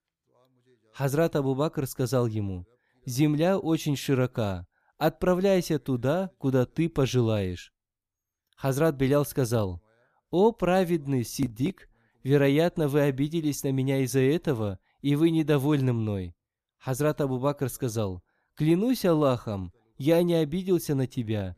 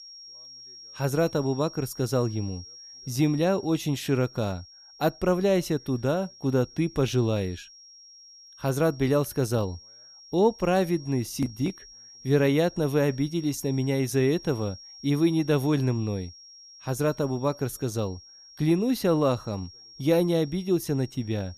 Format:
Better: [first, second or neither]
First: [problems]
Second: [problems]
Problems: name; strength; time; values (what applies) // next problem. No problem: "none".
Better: first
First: none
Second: high-pitched whine; noticeable; throughout; 5.5 kHz, 20 dB below the speech